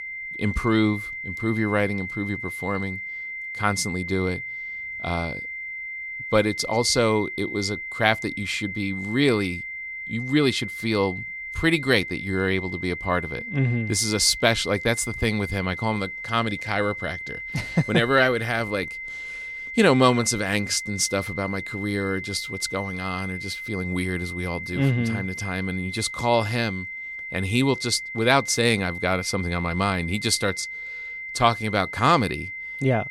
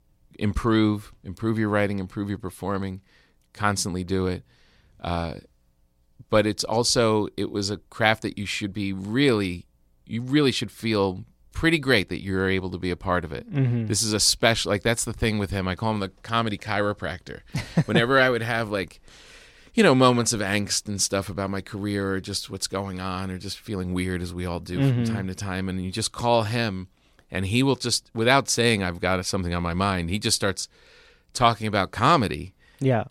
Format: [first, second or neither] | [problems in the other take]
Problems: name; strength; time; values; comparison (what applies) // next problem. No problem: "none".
second | high-pitched whine; loud; throughout; 2 kHz, 8 dB below the speech